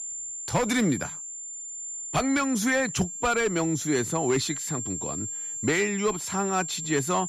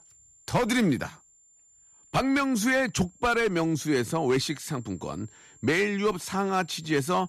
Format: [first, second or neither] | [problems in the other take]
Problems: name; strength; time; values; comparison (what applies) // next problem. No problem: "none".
second | high-pitched whine; loud; throughout; 7.5 kHz, 6 dB below the speech; faint in the second